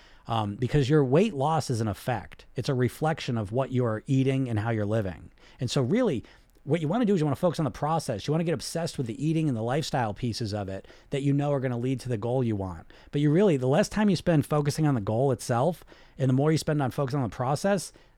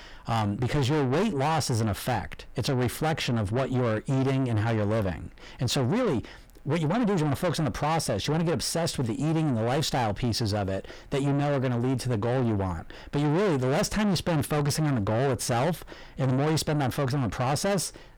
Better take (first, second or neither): first